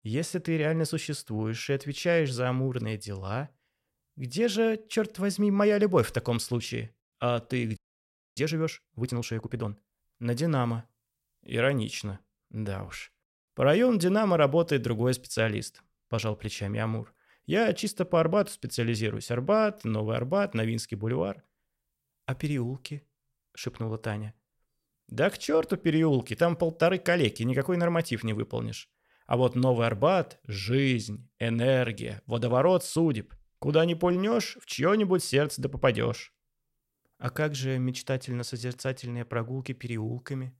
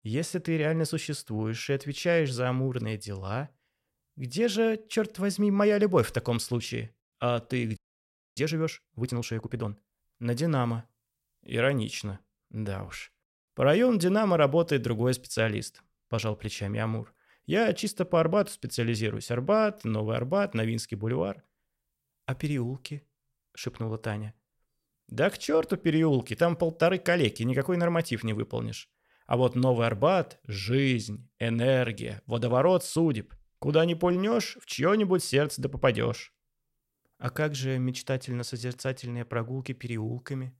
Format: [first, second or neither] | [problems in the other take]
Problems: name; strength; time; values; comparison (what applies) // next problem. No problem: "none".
neither | audio freezing; at 8 s for 0.5 s; the same in both